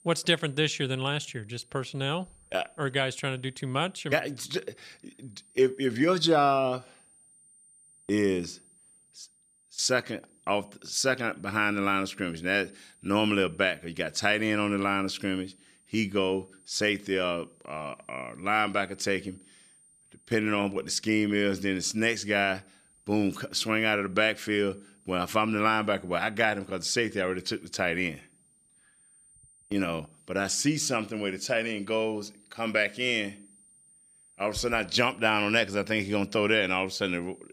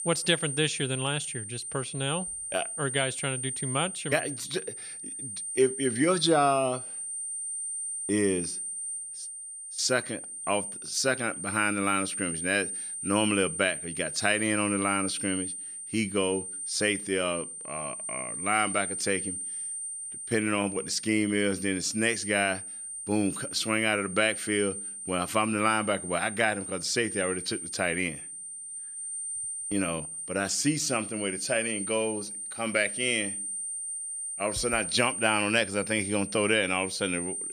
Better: first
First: high-pitched whine; faint; throughout; 9 kHz, 30 dB below the speech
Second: high-pitched whine; loud; throughout; 9 kHz, 5 dB below the speech

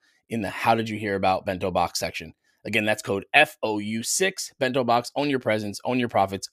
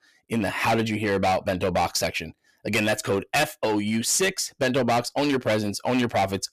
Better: first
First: none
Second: distortion; heavy; 12% of the sound clipped

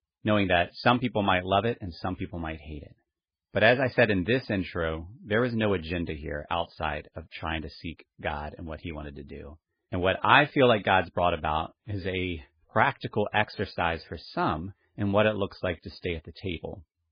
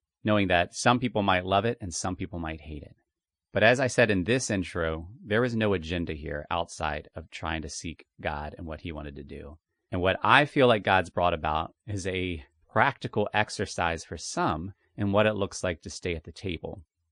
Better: second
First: garbled, watery; badly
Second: garbled, watery; slightly; nothing above 8.5 kHz

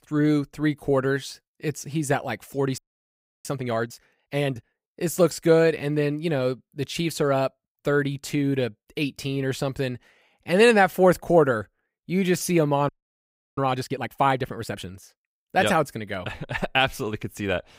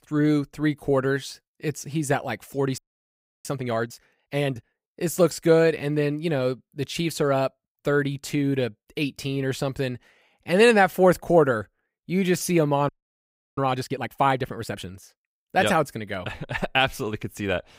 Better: neither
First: audio freezing; at 3 s for 0.5 s and at 13 s for 0.5 s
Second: audio freezing; at 3 s for 0.5 s and at 13 s for 0.5 s

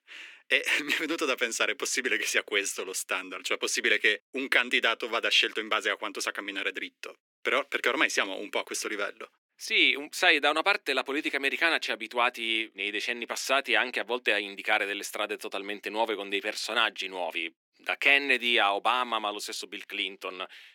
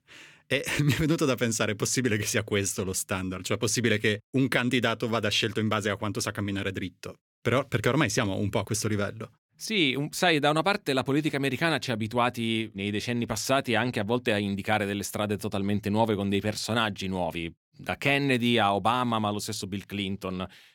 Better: second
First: thin; very; fading below 300 Hz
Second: none

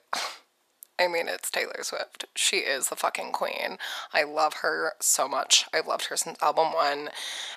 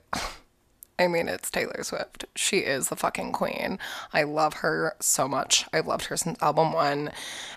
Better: second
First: thin; somewhat; fading below 500 Hz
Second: none

